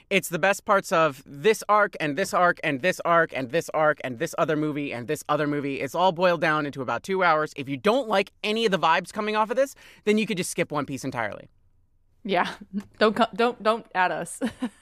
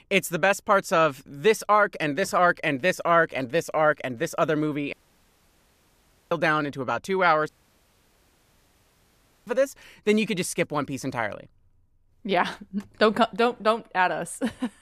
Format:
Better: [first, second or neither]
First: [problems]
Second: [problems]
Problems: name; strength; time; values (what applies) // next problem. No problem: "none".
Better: first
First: none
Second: audio cutting out; at 5 s for 1.5 s and at 7.5 s for 2 s